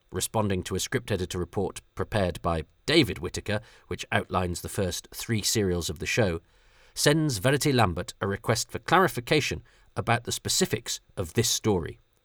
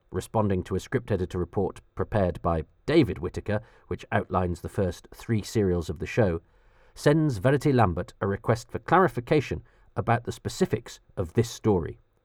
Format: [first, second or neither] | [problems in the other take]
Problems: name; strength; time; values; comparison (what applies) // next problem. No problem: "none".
first | muffled; slightly; fading above 2 kHz